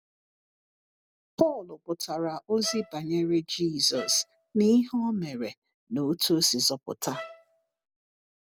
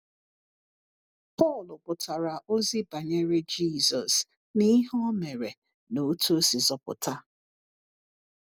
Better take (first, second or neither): second